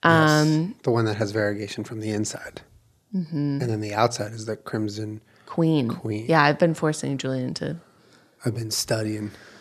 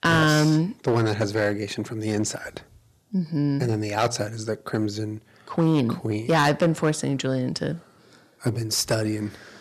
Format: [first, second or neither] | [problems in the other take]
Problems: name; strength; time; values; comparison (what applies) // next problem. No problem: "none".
first | distortion; slight; 4% of the sound clipped